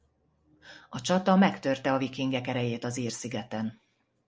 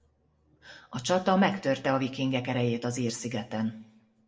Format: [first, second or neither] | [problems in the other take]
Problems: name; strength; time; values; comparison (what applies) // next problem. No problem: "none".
first | room echo; dies away in 0.7 s